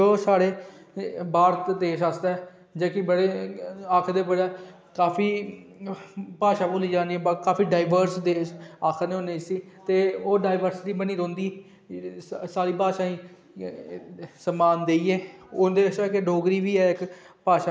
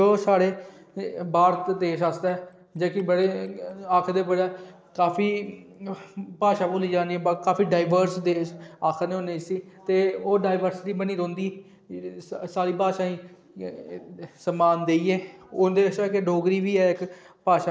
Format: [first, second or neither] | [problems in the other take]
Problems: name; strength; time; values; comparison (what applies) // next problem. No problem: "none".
first | noise reduction (neural separator model SepFormer DNS4)